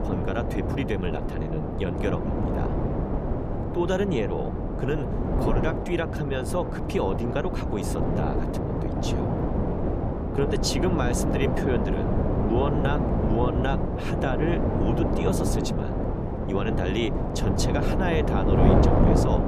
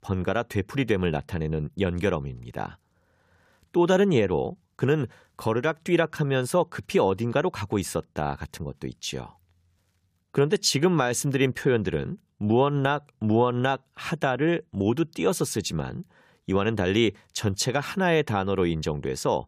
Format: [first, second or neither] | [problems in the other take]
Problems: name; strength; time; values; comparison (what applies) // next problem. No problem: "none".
second | wind noise on the microphone; heavy; 1 dB above the speech